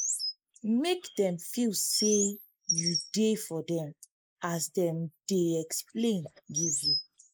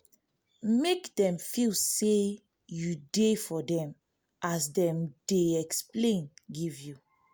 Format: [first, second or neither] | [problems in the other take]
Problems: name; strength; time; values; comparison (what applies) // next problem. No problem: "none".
second | noise reduction (neural mask model Resemble Enhance denoiser)